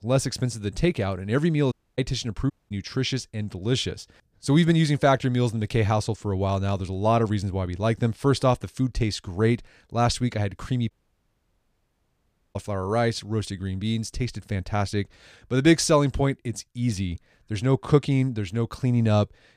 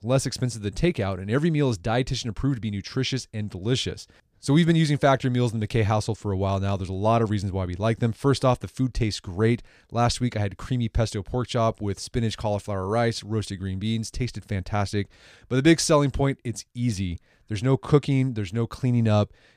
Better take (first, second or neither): second